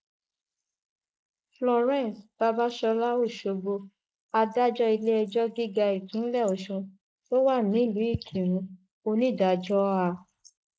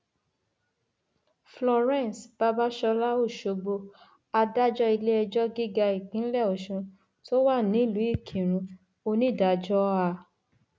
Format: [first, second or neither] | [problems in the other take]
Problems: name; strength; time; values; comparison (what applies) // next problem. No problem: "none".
second | noise reduction (neural mask model Resemble Enhance denoiser)